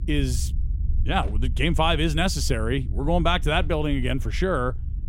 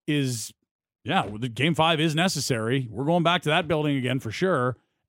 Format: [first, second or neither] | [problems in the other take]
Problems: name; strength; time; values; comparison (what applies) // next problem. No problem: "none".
second | low rumble; faint; throughout; 20 dB below the speech